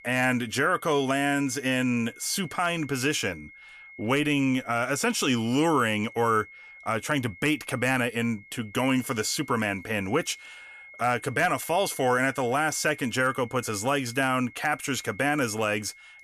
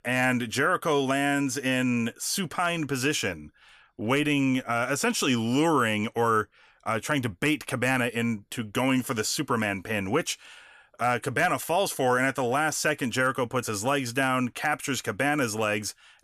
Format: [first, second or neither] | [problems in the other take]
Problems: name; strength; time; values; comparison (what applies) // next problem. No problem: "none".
second | high-pitched whine; noticeable; throughout; 2 kHz, 20 dB below the speech